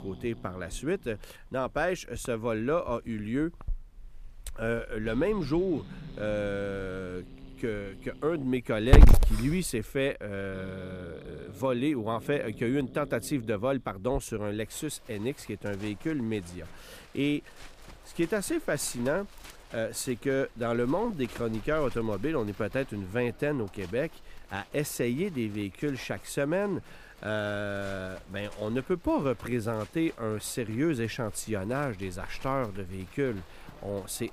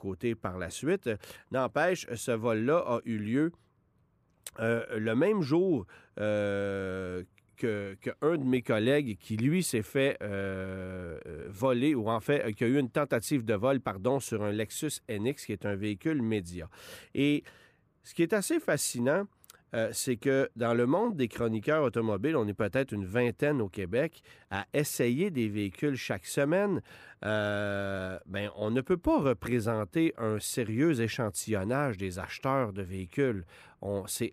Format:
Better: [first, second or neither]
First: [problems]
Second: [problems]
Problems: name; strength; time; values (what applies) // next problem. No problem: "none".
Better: second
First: animal sounds; very loud; throughout; 1 dB above the speech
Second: none